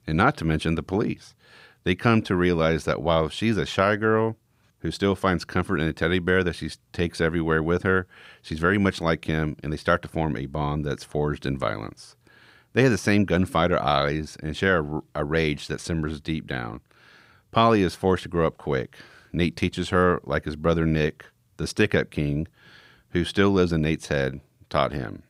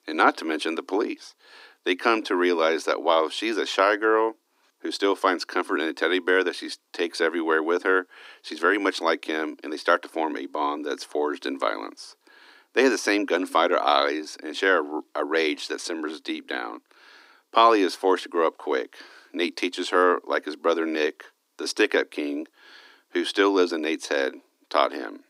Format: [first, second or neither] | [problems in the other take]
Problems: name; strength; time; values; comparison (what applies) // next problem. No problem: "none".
first | thin; somewhat; fading below 250 Hz